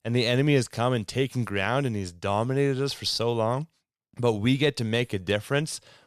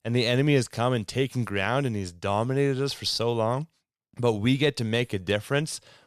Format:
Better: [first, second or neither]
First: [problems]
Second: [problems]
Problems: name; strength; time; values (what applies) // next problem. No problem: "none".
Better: neither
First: none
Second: none